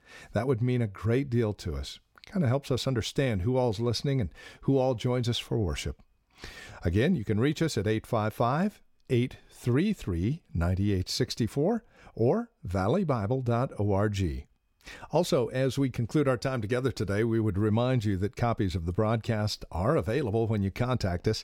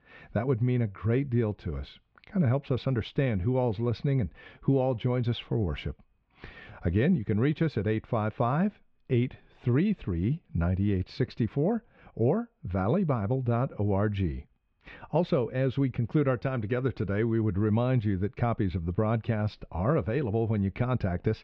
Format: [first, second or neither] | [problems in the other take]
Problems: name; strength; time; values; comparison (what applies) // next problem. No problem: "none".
first | muffled; slightly; fading above 3 kHz